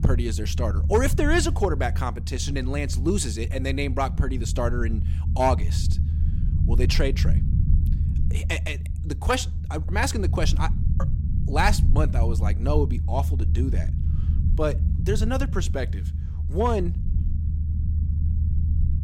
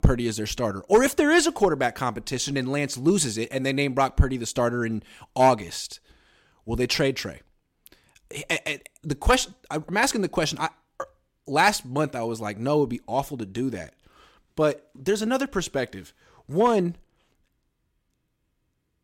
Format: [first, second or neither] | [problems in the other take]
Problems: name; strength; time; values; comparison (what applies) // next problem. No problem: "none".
second | low rumble; noticeable; throughout; 15 dB below the speech